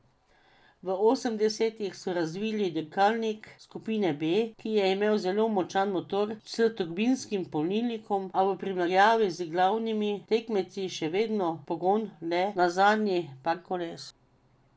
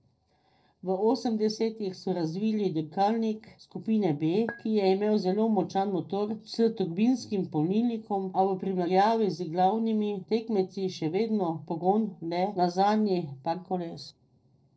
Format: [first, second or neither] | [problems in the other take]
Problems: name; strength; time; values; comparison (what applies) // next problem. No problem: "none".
first | noise reduction (neural separator model SepFormer DNS4)